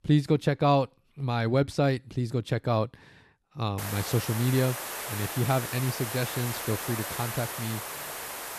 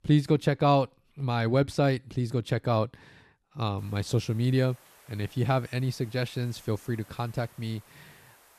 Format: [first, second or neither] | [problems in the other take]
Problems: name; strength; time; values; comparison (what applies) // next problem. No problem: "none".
second | hiss; loud; from 4 s on; 6 dB below the speech; faint in the second